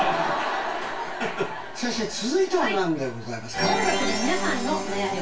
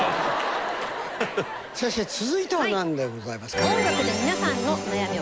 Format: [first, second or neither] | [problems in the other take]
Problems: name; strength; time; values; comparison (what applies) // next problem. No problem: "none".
second | room echo; dies away in 0.2 s